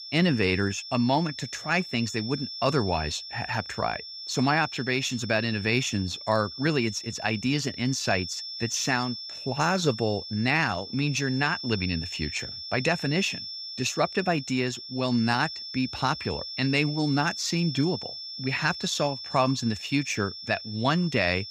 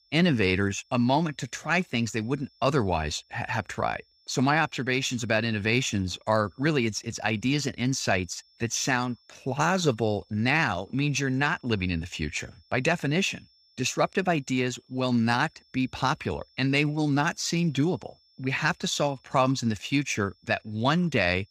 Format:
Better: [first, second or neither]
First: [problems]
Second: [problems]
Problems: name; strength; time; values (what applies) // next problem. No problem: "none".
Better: second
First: high-pitched whine; loud; throughout; 5.5 kHz, 9 dB below the speech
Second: high-pitched whine; faint; throughout; 5.5 kHz, 35 dB below the speech